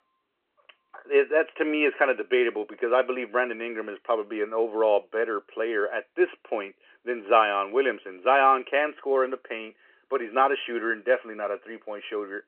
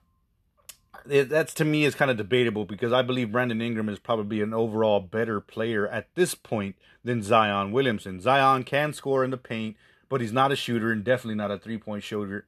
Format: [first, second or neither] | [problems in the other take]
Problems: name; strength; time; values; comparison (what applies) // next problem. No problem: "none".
second | phone-call audio